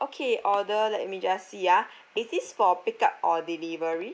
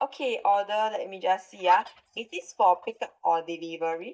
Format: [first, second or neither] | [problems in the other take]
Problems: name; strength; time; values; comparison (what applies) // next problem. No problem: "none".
first | noise reduction (neural mask model DeepFilterNet 3)